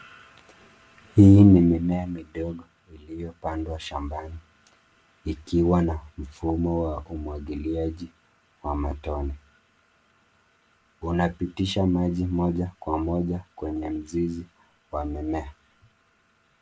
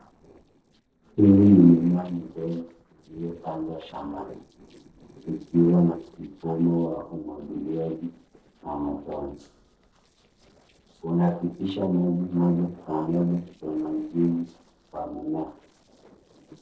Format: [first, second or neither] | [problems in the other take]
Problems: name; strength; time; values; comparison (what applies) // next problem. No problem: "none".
first | noise reduction (neural separator model SepFormer DNS4)